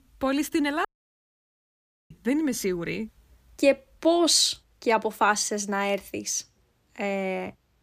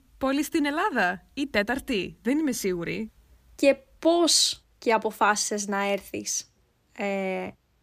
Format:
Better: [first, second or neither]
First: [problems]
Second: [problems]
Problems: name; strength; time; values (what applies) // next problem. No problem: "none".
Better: second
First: audio cutting out; at 1 s for 1.5 s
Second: none